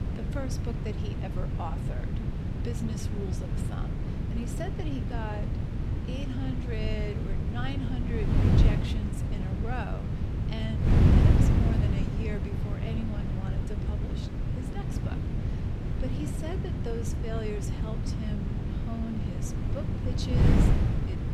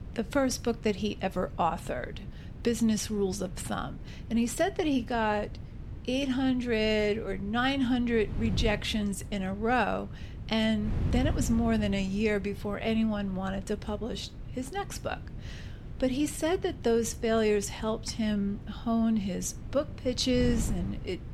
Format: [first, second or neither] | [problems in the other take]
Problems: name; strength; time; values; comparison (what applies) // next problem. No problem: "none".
second | wind noise on the microphone; heavy; 2 dB above the speech; occasional gusts in the second